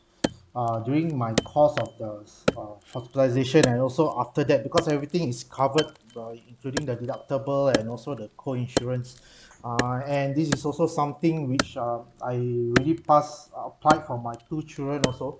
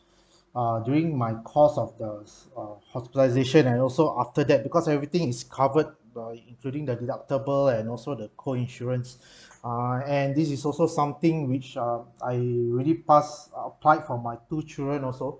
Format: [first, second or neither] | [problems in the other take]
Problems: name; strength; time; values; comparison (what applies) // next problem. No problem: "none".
second | background sound (Wood); 8 dB below the speech